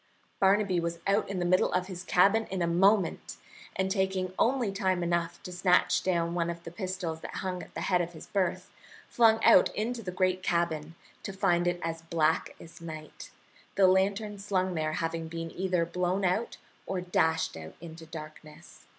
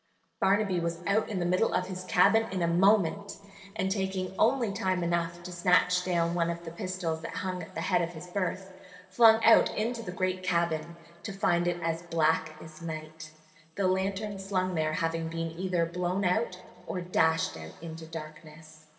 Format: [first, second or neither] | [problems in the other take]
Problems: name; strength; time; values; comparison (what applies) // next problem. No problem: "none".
first | noise reduction (neural separator model SepFormer DNS4)